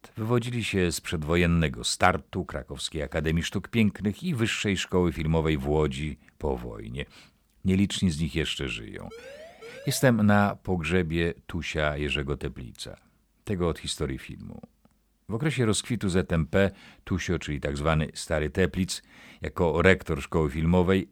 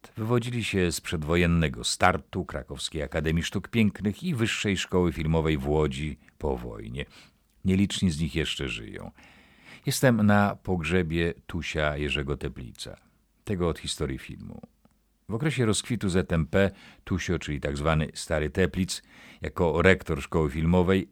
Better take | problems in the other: second | siren; faint; from 9 to 10 s; peak 20 dB below the speech

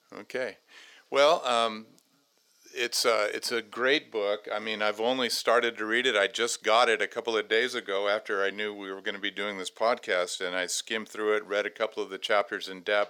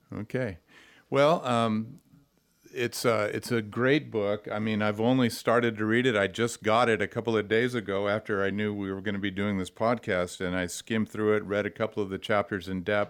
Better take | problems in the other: second | thin; somewhat; fading below 500 Hz

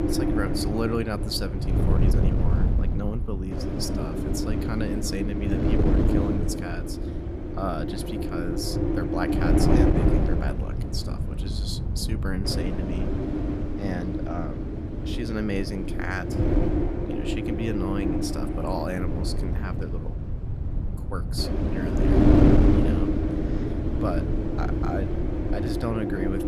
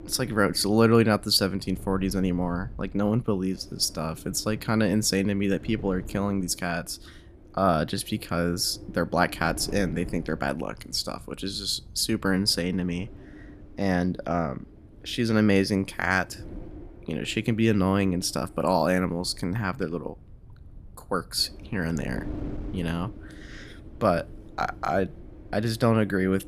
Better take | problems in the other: second | wind noise on the microphone; heavy; 3 dB above the speech; occasional gusts in the second

